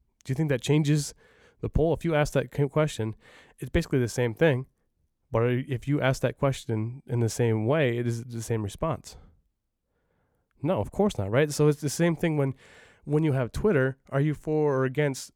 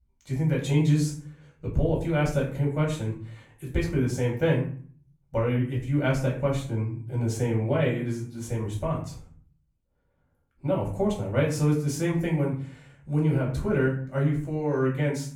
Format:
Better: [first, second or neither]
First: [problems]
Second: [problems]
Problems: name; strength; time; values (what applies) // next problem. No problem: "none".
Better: first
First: none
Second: off-mic speech; far // room echo; slight; dies away in 0.4 s